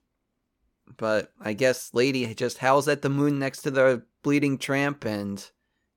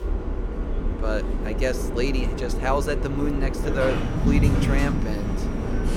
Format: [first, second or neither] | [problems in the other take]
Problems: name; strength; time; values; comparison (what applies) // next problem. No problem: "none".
first | train or aircraft noise; very loud; throughout; 2 dB above the speech